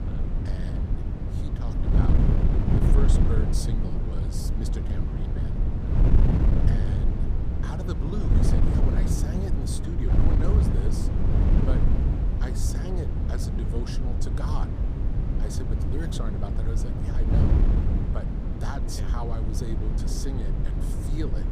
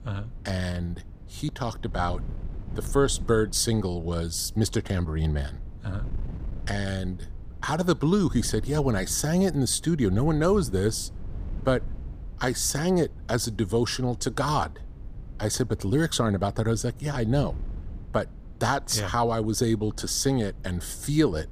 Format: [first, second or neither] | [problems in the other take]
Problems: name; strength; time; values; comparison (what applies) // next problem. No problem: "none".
second | wind noise on the microphone; heavy; 3 dB above the speech; occasional gusts in the second